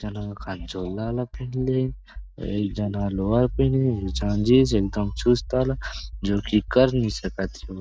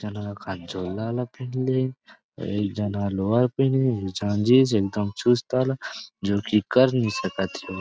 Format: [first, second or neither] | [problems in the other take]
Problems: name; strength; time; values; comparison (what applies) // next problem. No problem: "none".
second | noise reduction (neural mask model DeepFilterNet 3)